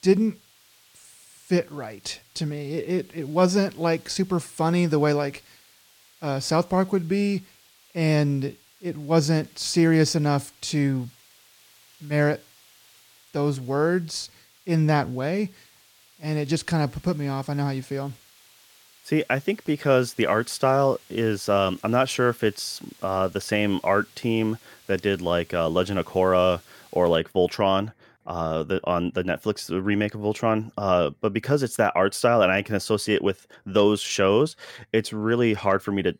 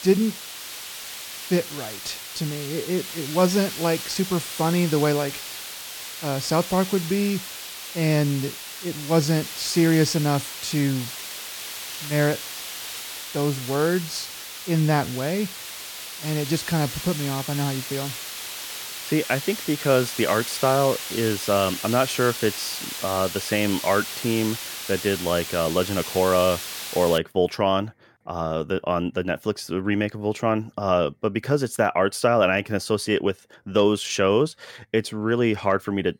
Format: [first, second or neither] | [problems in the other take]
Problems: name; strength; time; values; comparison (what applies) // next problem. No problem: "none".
first | hiss; loud; until 27 s; 8 dB below the speech; faint in the first